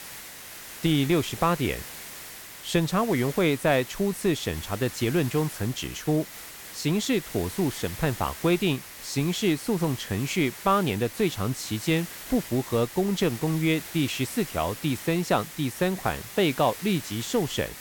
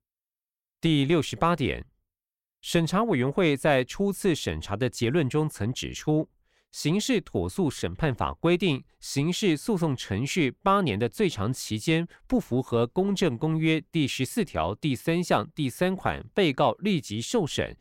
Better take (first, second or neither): second